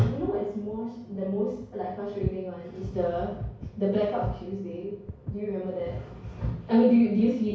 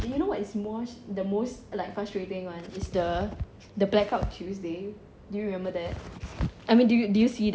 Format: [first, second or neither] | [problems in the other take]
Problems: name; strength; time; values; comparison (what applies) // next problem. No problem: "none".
second | background sound (Walk, footsteps); 16 dB below the speech // room echo; dies away in 0.6 s